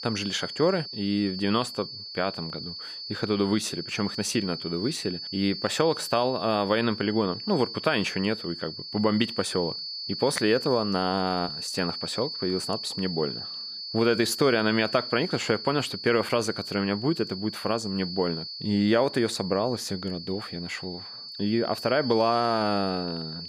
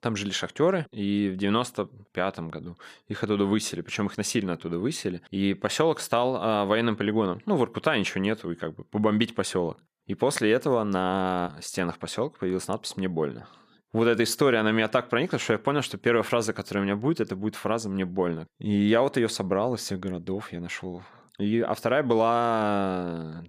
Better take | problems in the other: second | high-pitched whine; loud; throughout; 4.5 kHz, 8 dB below the speech

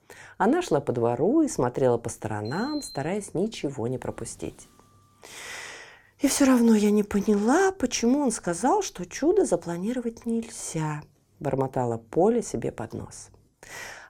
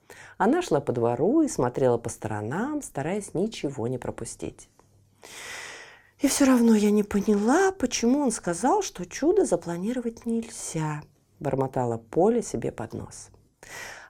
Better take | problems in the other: second | door banging; faint; from 2.5 to 5 s; peak 15 dB below the speech

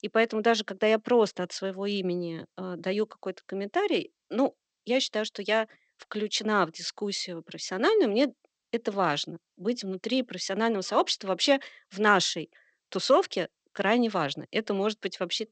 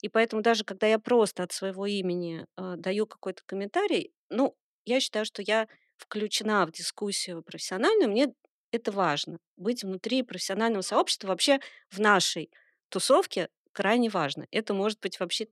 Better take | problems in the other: second | garbled, watery; slightly; nothing above 8 kHz

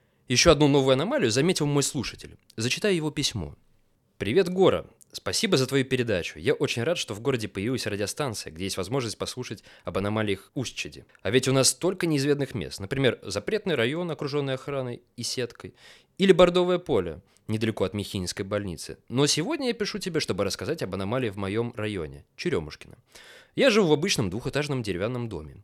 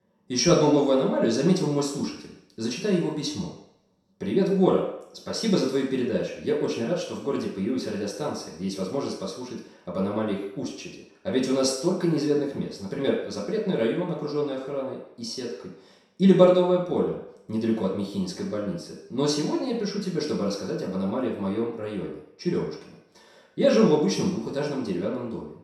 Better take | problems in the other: first | room echo; noticeable; dies away in 0.7 s // off-mic speech; far

